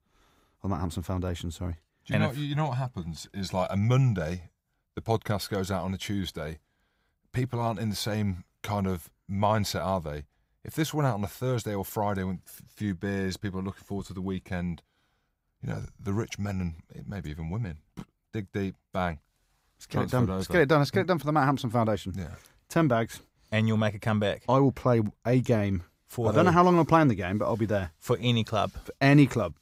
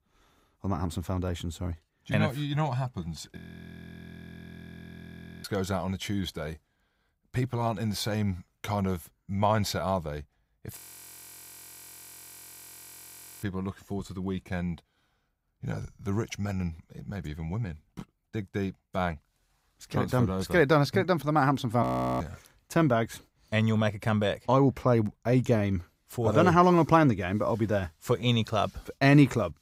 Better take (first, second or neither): first